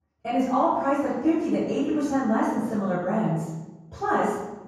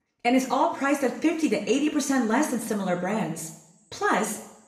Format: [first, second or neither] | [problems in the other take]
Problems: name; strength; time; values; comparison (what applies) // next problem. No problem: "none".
second | room echo; strong; dies away in 1.3 s; slight in the second // off-mic speech; far; somewhat distant in the second